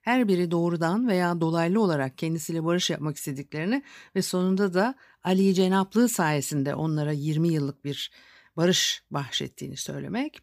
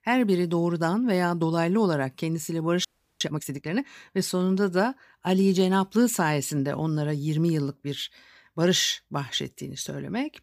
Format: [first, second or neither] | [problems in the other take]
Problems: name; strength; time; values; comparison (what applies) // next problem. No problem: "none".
first | audio freezing; at 3 s